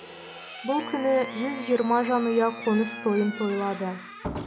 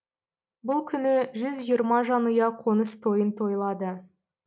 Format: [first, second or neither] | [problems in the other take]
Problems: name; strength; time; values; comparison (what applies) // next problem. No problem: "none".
second | background sound (Squeak / Slam + Wind instrument, woodwind instrument); 11 dB below the speech